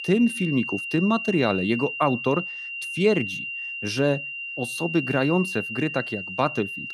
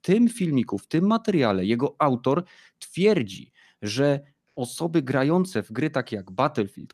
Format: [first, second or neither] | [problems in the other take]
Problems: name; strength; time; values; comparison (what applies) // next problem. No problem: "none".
second | high-pitched whine; loud; throughout; 3 kHz, 5 dB below the speech